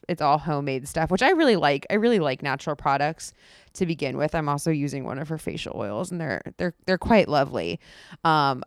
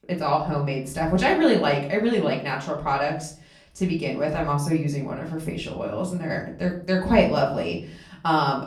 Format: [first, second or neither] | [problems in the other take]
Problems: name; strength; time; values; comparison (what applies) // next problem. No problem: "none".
first | off-mic speech; far // room echo; slight; dies away in 0.4 s